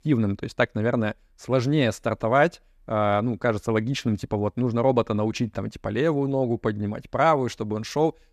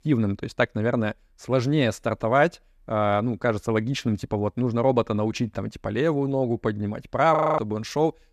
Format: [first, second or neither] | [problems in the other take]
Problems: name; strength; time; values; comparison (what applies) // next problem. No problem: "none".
first | audio freezing; at 7.5 s